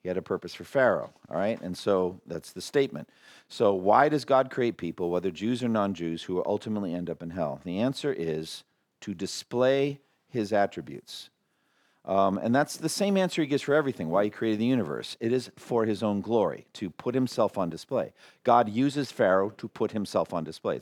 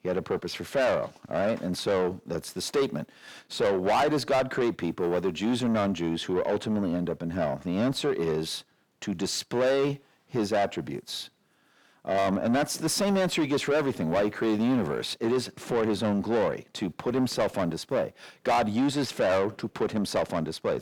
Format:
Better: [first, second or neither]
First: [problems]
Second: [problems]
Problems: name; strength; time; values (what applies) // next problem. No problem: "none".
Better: first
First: none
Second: distortion; heavy; 7 dB below the speech